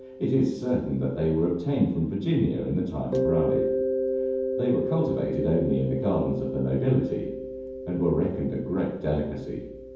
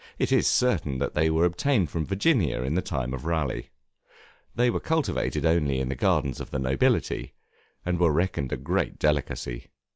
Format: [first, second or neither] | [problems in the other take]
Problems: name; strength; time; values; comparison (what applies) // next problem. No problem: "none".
second | background sound (Mallet percussion); 5 dB below the speech // room echo; dies away in 0.9 s